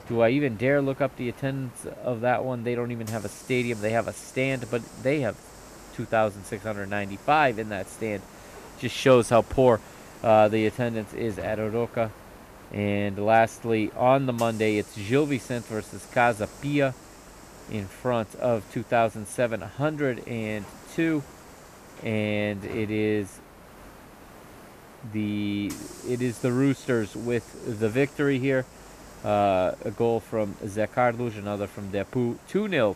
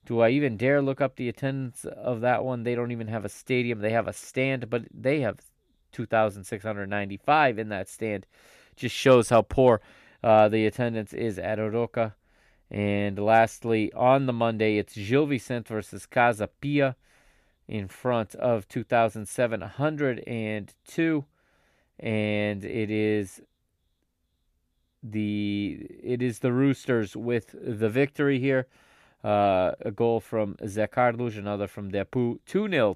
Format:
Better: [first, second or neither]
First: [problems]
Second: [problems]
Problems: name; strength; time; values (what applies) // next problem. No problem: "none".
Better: second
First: hiss; noticeable; throughout; 20 dB below the speech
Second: none